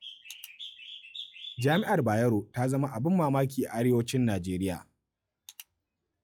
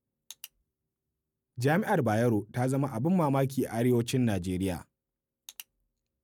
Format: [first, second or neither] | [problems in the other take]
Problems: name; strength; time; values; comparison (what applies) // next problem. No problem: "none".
second | noise reduction (classical method log-MMSE)